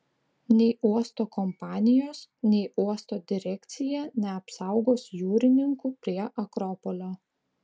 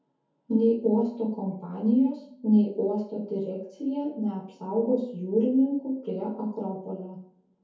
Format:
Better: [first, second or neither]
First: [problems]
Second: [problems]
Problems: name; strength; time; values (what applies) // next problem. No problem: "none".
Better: first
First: none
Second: room echo; dies away in 0.6 s